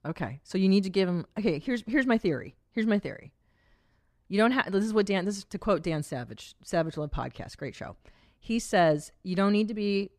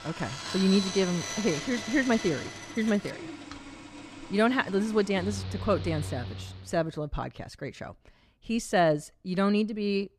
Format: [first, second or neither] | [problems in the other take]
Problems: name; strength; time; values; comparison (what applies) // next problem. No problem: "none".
first | machinery noise; loud; until 6.5 s; 9 dB below the speech